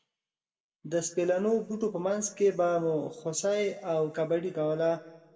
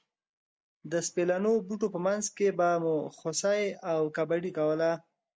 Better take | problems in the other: second | room echo; dies away in 1.3 s

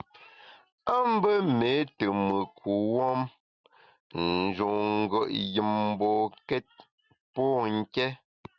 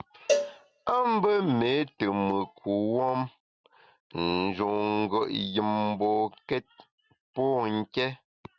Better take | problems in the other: first | background sound (Cowbell); 5 dB below the speech

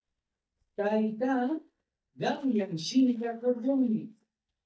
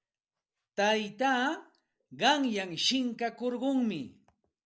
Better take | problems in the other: second | noise reduction (neural mask model DeepFilterNet 3)

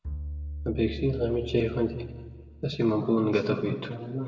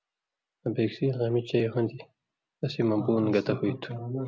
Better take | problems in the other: second | background sound (Bowed string instrument); 10 dB below the speech // room echo; dies away in 1.5 s

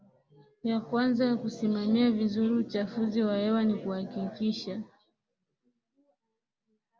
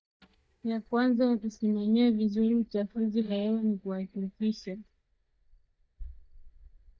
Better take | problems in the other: first | noise reduction (neural mask model DeepFilterNet 3)

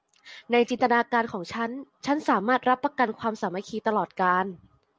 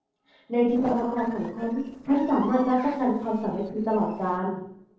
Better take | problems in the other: first | noise reduction (neural separator model SepFormer DNS4)

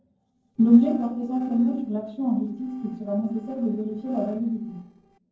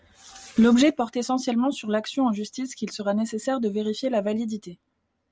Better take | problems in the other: second | noise reduction (neural separator model SepFormer DNS4)

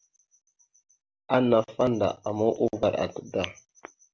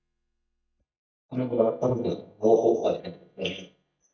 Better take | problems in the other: first | noise reduction (neural mask model DeepFilterNet 3)

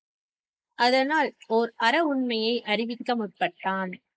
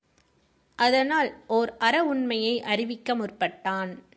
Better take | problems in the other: second | noise reduction (neural mask model Resemble Enhance denoiser)

